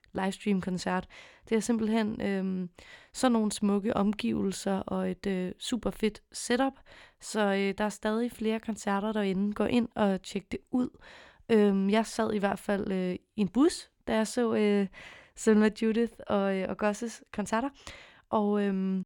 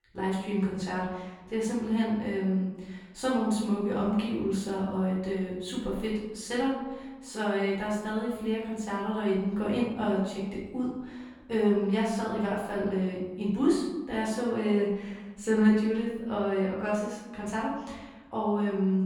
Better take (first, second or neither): first